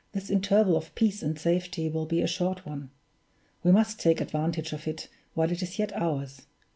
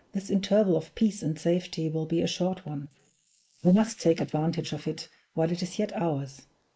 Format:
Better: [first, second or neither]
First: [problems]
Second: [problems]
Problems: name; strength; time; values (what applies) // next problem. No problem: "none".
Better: first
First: none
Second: noise reduction (neural mask model Resemble Enhance denoiser)